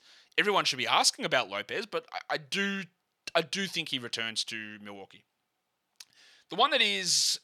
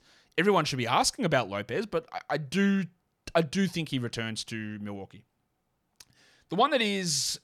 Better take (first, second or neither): second